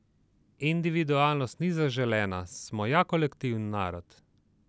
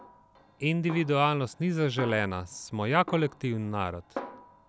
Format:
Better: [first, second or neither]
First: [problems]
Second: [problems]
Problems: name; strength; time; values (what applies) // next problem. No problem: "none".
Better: first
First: none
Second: background sound (Snare drum); 16 dB below the speech